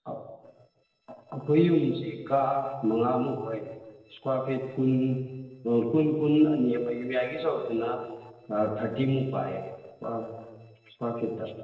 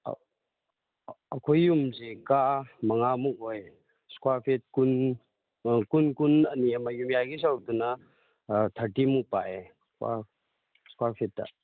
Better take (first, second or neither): second